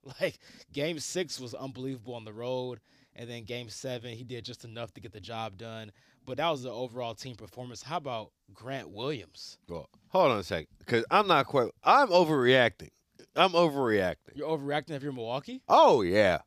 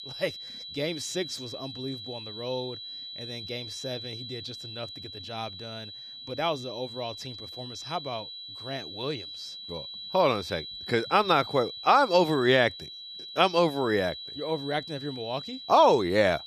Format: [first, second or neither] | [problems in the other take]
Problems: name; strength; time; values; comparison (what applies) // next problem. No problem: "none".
first | high-pitched whine; noticeable; throughout; 4 kHz, 10 dB below the speech